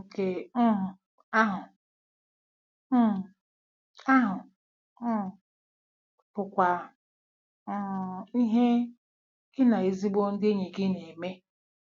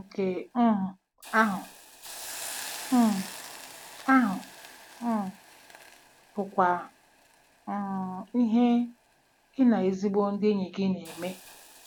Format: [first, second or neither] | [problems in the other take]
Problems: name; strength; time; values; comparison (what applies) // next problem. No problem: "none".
first | background sound (Hiss); 17 dB below the speech